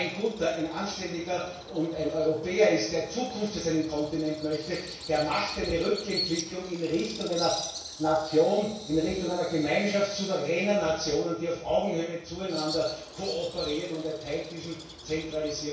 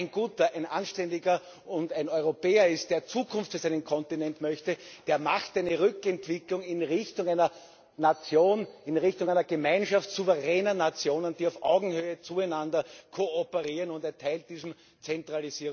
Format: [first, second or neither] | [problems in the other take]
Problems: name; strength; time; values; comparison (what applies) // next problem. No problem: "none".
second | background sound (Bird vocalization, bird call, bird song); 13 dB below the speech // room echo; dies away in 0.6 s